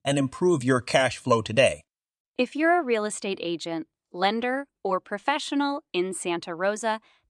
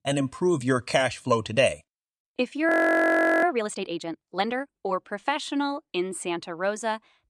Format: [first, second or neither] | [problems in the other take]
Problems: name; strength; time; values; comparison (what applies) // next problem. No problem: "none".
first | audio freezing; at 2.5 s for 0.5 s